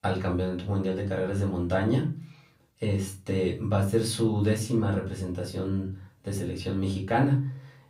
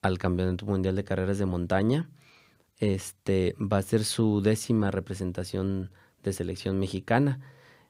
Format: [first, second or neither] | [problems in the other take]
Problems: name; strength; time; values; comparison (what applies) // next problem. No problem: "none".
second | off-mic speech; far // room echo; slight; dies away in 0.3 s